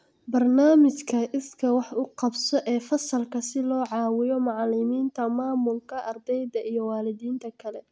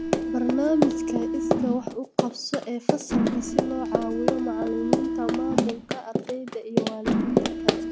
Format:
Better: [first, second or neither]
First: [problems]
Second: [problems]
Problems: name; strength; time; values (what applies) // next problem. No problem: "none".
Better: first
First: none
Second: background sound (Run + Mechanisms); 4 dB above the speech